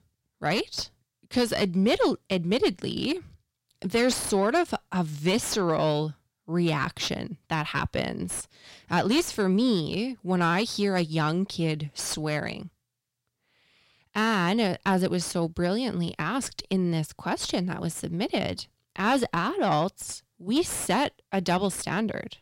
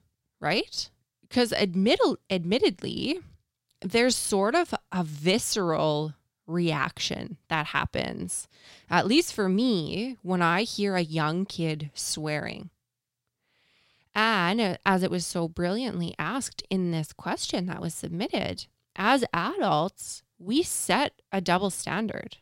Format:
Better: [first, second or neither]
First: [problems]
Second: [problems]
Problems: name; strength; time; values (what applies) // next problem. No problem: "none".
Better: second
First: distortion; slight; 10 dB below the speech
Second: none